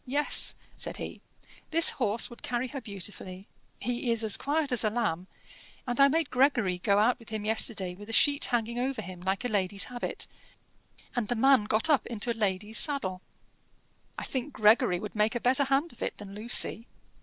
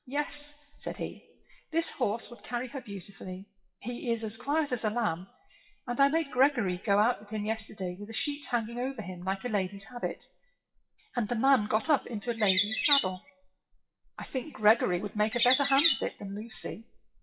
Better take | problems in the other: first | noise reduction (classical method WPE with log-MMSE)

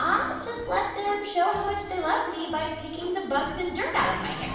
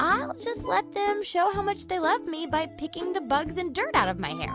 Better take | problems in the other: second | room echo; dies away in 1.1 s

